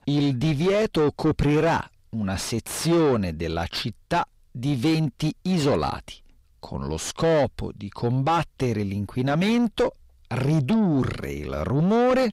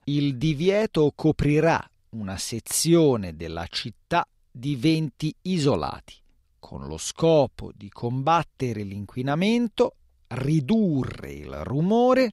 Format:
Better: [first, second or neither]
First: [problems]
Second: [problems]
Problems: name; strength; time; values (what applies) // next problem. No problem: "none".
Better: second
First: distortion; heavy; 7 dB below the speech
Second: none